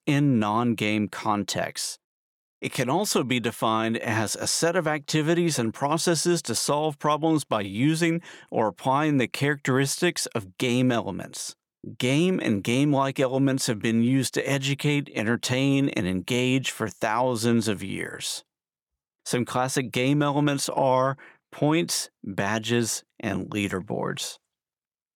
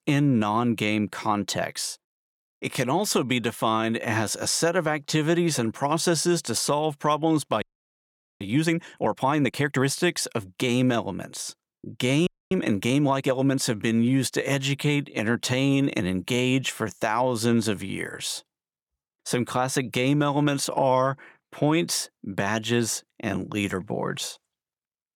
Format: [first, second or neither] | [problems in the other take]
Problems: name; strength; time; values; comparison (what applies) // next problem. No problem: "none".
first | audio freezing; at 7.5 s for 1 s and at 12 s